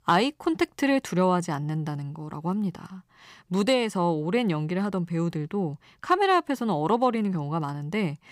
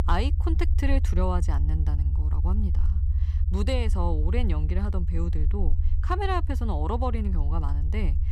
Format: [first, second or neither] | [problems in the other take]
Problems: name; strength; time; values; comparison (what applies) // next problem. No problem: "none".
first | low rumble; noticeable; throughout; 10 dB below the speech